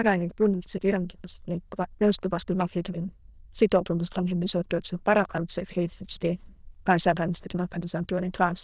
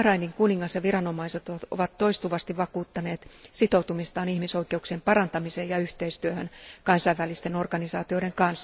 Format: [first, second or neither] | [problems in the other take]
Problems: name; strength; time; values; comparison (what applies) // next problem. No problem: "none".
second | noise reduction (neural diffusion model UNIVERSE++)